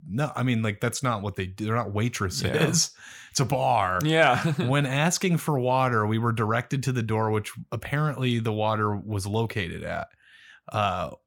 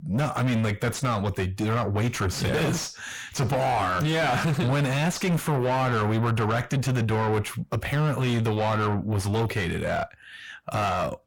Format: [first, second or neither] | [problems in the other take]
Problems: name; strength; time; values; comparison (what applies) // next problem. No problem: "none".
first | distortion; heavy; 6 dB below the speech